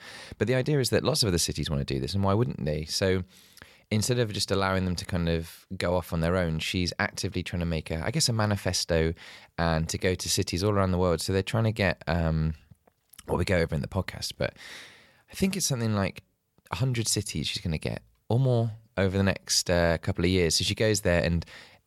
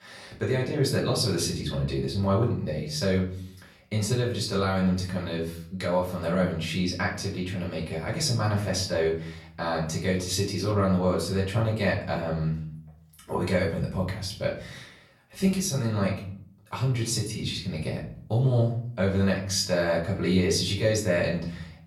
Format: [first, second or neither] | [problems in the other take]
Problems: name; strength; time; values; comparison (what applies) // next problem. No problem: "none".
first | off-mic speech; far // room echo; slight; dies away in 0.5 s